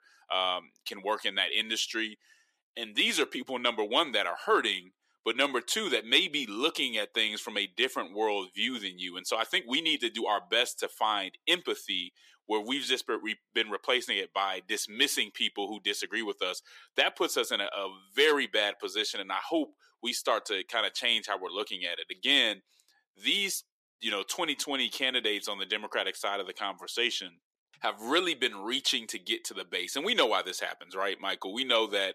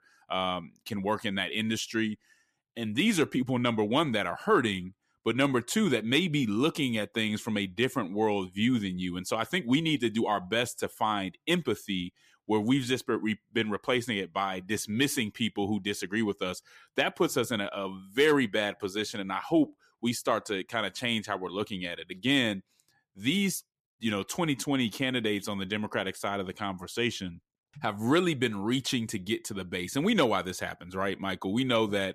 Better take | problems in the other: second | thin; somewhat; fading below 400 Hz

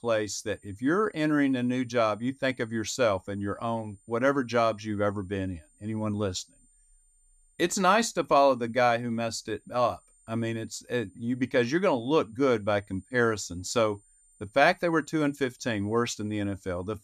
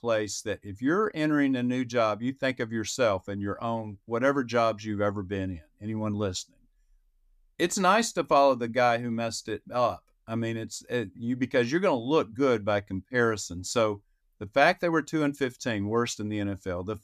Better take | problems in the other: second | high-pitched whine; faint; throughout; 8.5 kHz, 35 dB below the speech

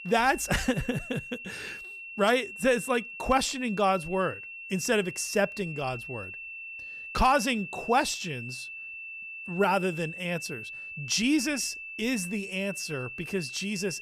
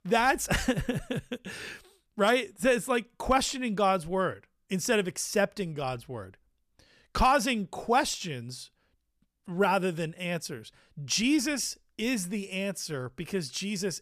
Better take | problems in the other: second | high-pitched whine; noticeable; throughout; 2.5 kHz, 10 dB below the speech

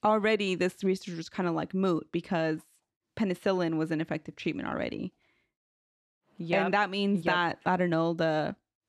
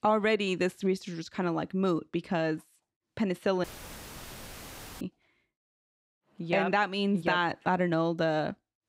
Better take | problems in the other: first | audio cutting out; filled with static; at 3.5 s for 1.5 s

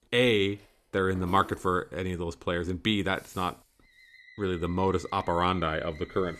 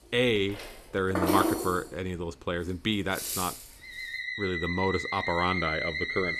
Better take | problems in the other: first | background music; loud; throughout; 2 dB below the speech; faint in the first

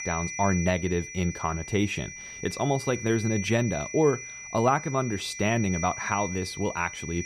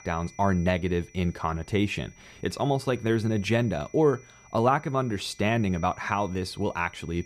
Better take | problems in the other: second | high-pitched whine; loud; throughout; 6 kHz, 9 dB below the speech; faint in the second

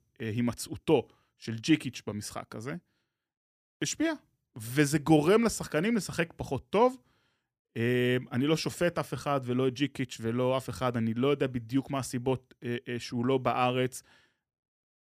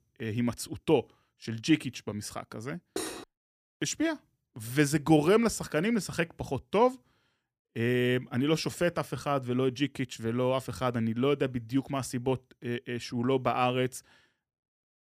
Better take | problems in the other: first | clattering dishes; noticeable; at 3 s; peak 7 dB below the speech

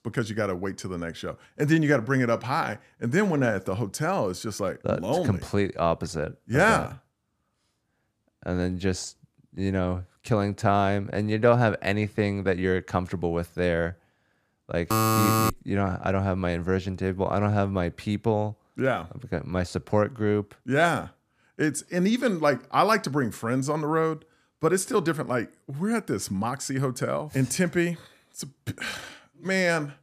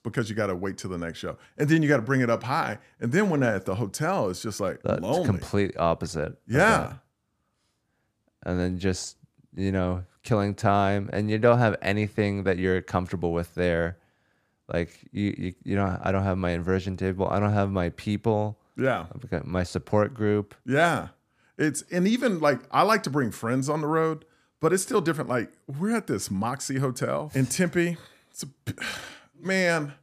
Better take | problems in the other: second | alarm; loud; at 15 s; peak 5 dB above the speech

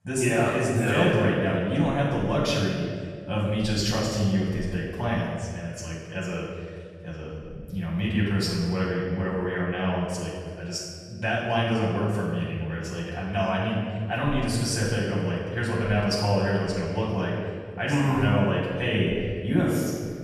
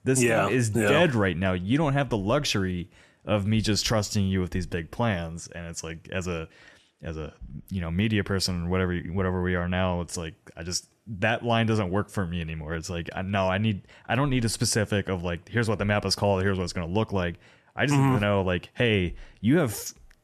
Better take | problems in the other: second | off-mic speech; far // room echo; strong; dies away in 1.7 s

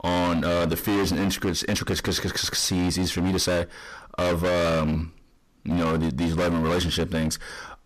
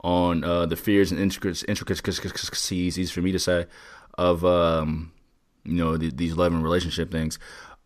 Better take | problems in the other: second | distortion; heavy; 27% of the sound clipped

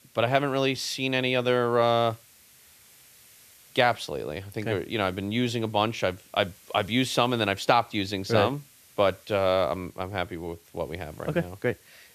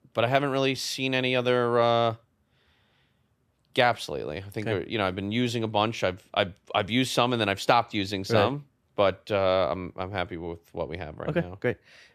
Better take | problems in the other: second | hiss; faint; throughout; 25 dB below the speech

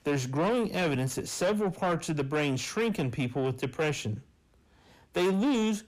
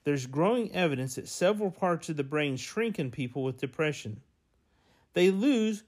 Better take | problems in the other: second | distortion; heavy; 7 dB below the speech

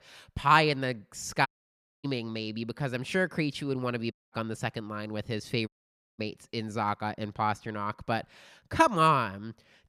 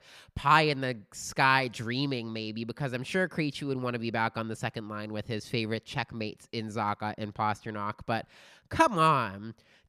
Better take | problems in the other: second | audio cutting out; at 1.5 s for 0.5 s, at 4 s and at 5.5 s for 0.5 s

